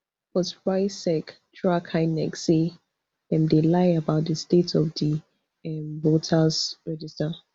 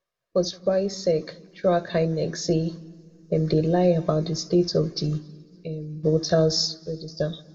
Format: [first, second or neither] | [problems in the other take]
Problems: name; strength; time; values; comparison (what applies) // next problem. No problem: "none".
first | room echo; dies away in 0.9 s